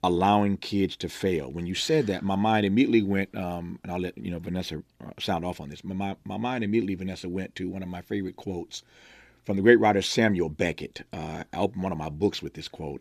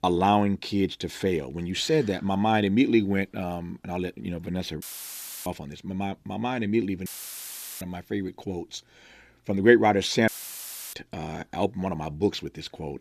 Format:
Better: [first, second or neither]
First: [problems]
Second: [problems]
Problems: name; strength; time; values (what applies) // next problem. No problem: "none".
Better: first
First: none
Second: audio cutting out; filled with static; at 5 s for 0.5 s, at 7 s for 1 s and at 10 s for 0.5 s